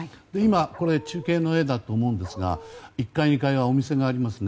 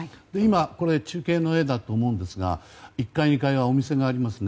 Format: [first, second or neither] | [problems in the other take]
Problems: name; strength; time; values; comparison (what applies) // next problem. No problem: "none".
second | background sound (Dog); 19 dB below the speech